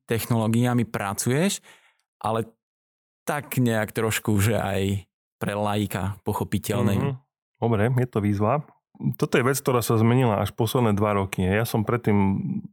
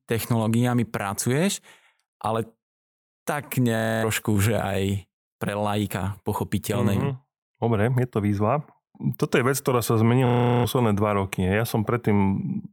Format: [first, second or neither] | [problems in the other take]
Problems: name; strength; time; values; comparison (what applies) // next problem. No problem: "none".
first | audio freezing; at 4 s and at 10 s